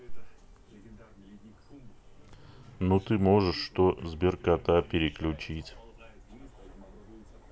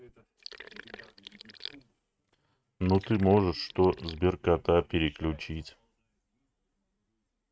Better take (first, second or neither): first